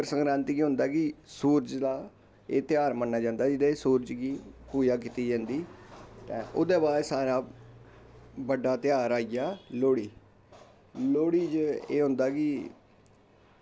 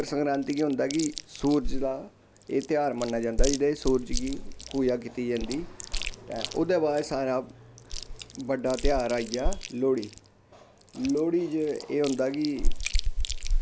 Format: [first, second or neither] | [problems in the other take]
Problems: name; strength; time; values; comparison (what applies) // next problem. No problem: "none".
first | background sound (Chewing, mastication); 2 dB below the speech